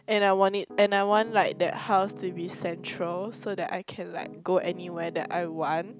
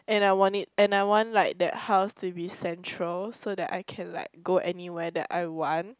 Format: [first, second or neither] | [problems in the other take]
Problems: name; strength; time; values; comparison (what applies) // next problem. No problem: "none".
second | background sound (Piano); 17 dB below the speech